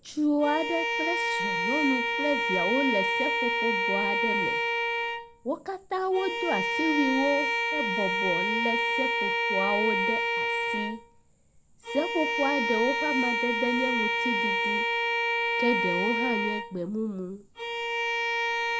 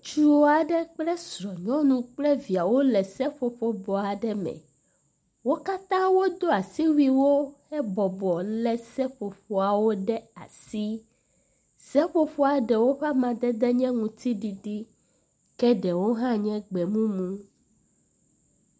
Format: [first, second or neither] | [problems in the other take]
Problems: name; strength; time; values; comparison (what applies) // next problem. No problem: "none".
second | background sound (Bowed string instrument); 3 dB above the speech